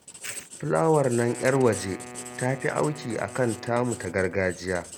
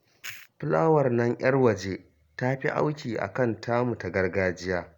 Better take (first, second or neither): second